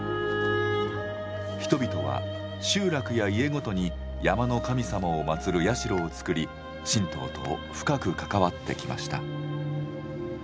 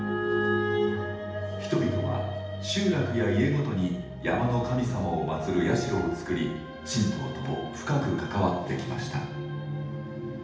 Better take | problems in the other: first | room echo; dies away in 0.8 s

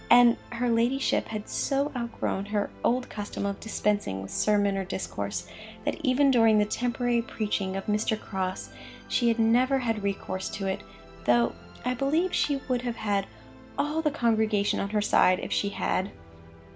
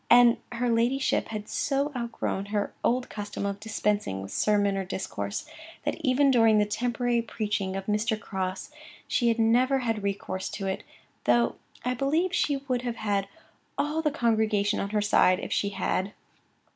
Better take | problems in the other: second | background sound (Musical instrument); 20 dB below the speech

